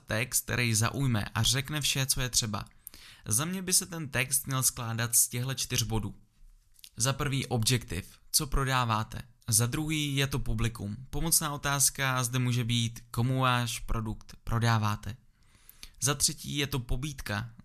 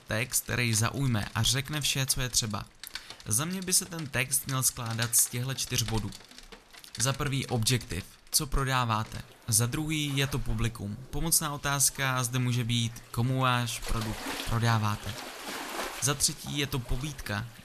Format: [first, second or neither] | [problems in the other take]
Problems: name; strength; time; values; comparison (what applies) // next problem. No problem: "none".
first | rain or running water; noticeable; throughout; 15 dB below the speech